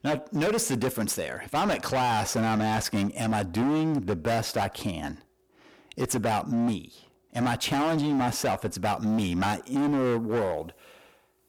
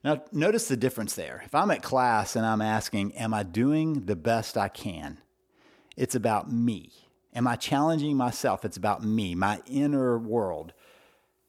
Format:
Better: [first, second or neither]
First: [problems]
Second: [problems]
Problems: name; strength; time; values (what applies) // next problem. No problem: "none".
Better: second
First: distortion; heavy; 20% of the sound clipped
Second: none